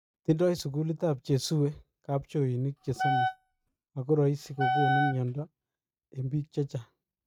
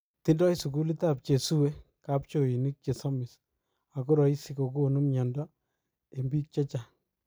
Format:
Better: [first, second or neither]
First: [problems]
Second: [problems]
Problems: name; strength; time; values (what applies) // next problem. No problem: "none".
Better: second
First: noise reduction (neural mask model RNNoise)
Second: none